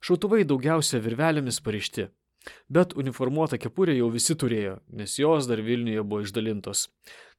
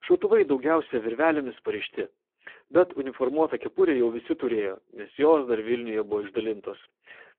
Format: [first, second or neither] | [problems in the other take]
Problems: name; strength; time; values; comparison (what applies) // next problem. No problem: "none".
first | phone-call audio; poor line